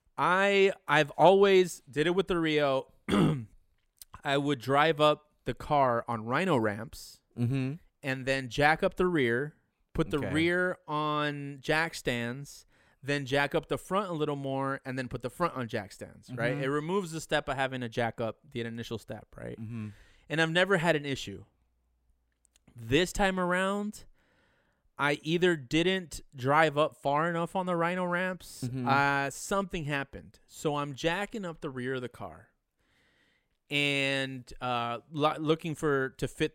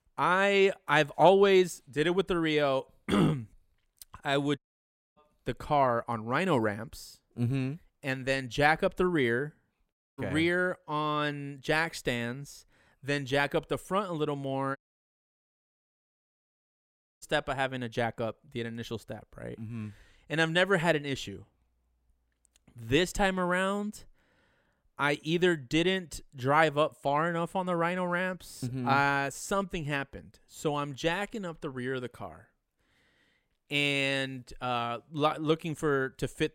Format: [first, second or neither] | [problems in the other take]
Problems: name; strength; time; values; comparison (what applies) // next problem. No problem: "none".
first | audio cutting out; at 4.5 s for 0.5 s, at 10 s and at 15 s for 2.5 s